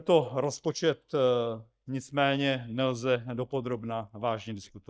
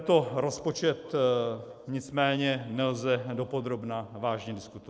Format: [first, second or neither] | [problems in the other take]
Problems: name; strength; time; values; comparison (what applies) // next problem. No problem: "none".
second | noise reduction (neural mask model DeepFilterNet 3)